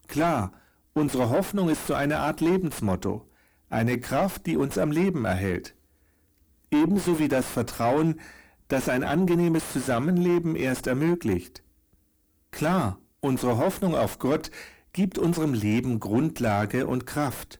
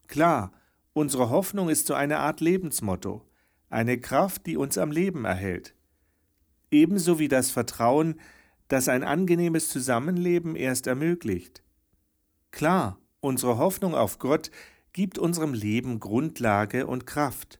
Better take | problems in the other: second | distortion; heavy; 6 dB below the speech

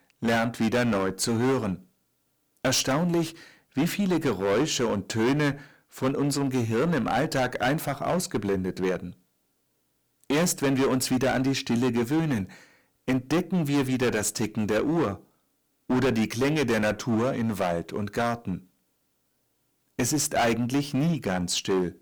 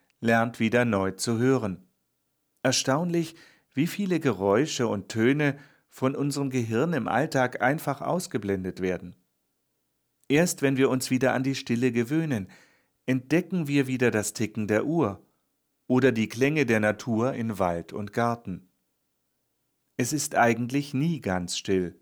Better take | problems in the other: second | distortion; heavy; 13% of the sound clipped

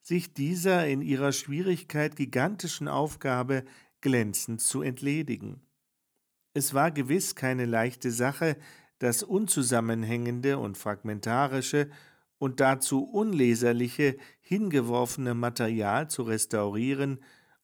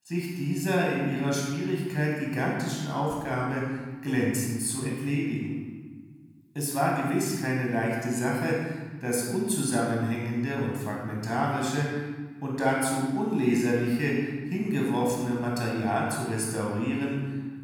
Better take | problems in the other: first | off-mic speech; far // room echo; noticeable; dies away in 1.3 s

